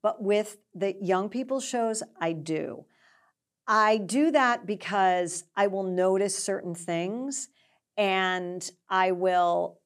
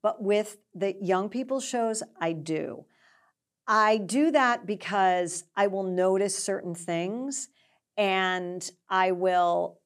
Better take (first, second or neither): neither